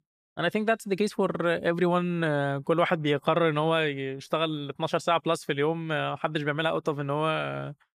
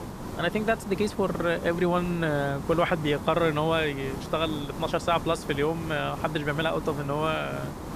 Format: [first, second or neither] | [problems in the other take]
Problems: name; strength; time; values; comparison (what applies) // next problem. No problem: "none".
first | hiss; loud; throughout; 10 dB below the speech